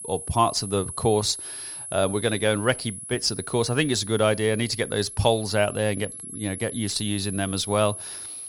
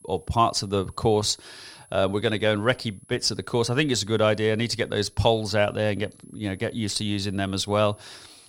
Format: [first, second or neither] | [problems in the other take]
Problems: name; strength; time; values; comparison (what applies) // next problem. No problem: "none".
second | high-pitched whine; loud; throughout; 10.5 kHz, 10 dB below the speech; faint in the second